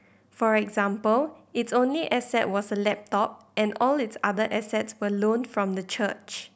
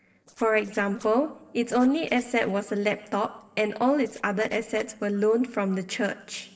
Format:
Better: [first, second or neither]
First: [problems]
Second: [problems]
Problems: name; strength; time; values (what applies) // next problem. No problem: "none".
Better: first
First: none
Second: noise reduction (neural separator model SepFormer DNS4)